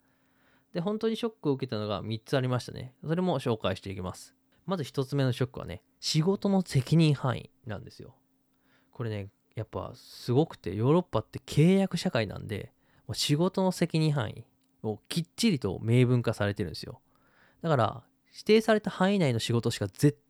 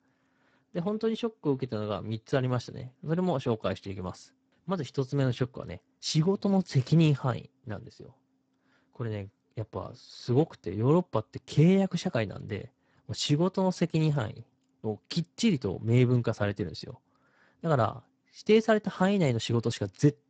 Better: first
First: none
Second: garbled, watery; badly; nothing above 7.5 kHz

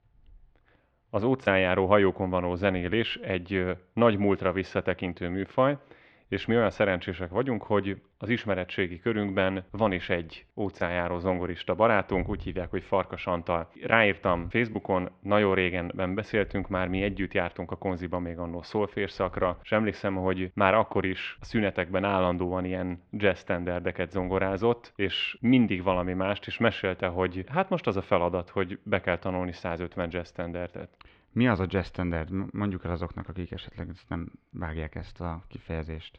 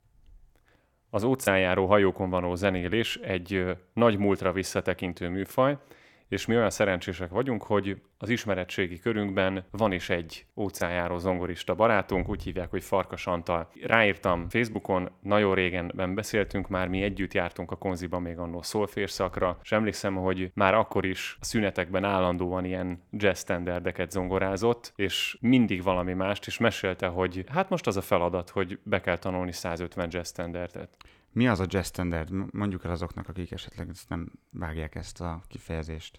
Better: second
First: muffled; slightly; fading above 3.5 kHz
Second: none

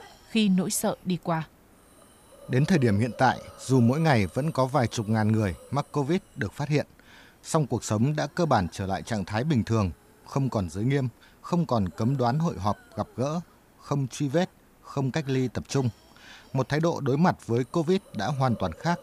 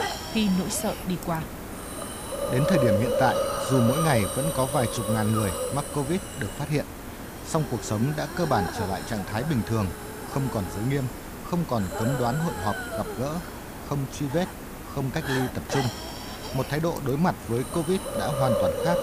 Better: first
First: hiss; faint; throughout; 25 dB below the speech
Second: hiss; loud; throughout; 4 dB below the speech

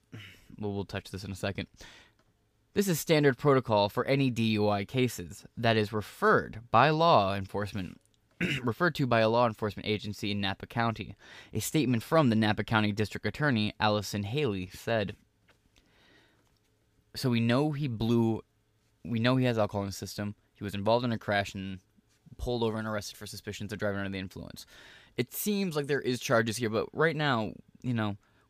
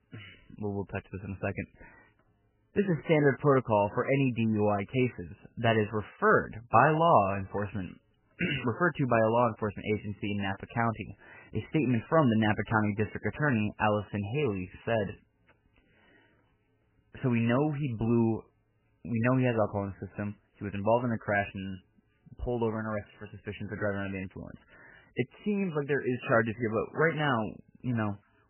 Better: first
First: none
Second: garbled, watery; badly; nothing above 3 kHz

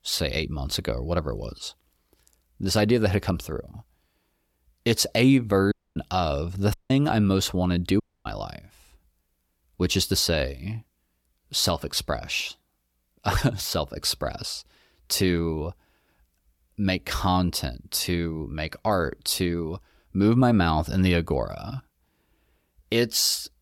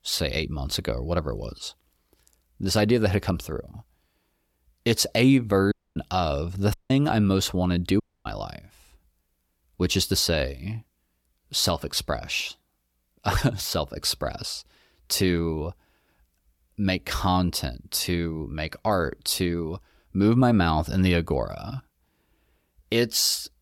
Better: neither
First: audio cutting out; at 5.5 s, at 6.5 s and at 8 s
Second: audio cutting out; at 5.5 s, at 6.5 s and at 8 s

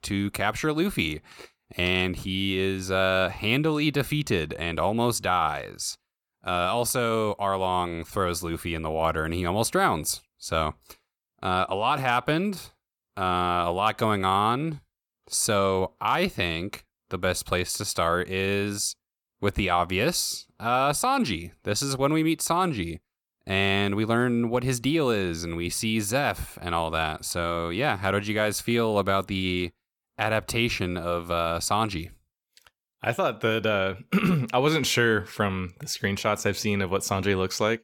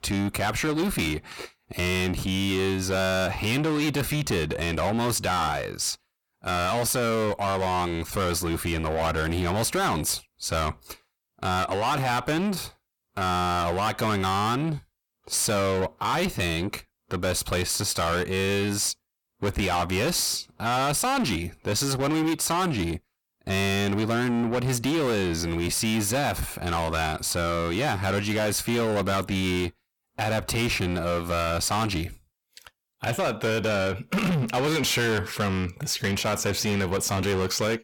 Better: first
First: none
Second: distortion; heavy; 7 dB below the speech

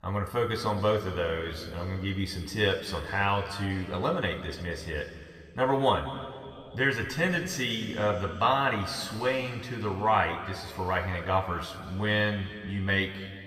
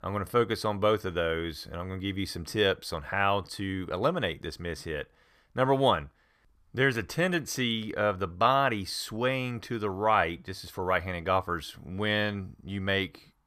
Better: second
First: room echo; noticeable; dies away in 2 s // off-mic speech; somewhat distant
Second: none

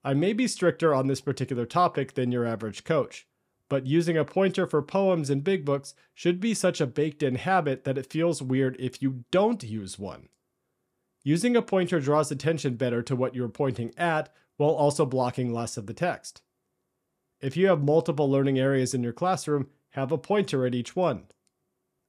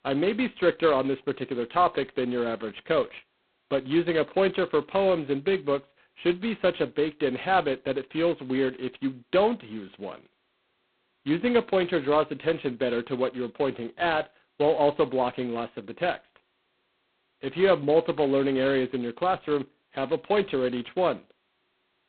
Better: first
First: none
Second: phone-call audio; poor line; nothing above 4 kHz

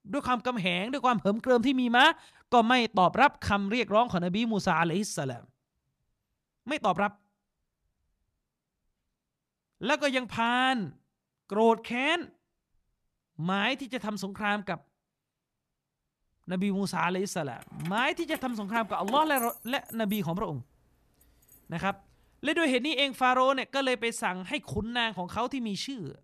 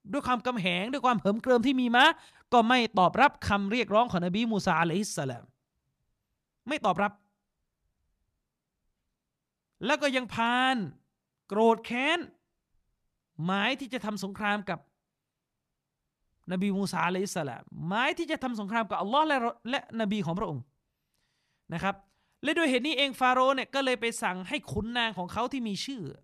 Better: second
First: jangling keys; noticeable; from 18 to 22 s; peak 8 dB below the speech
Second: none

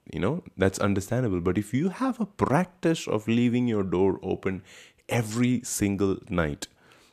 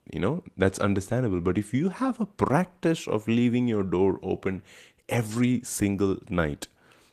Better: first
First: none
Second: garbled, watery; slightly; nothing above 14.5 kHz

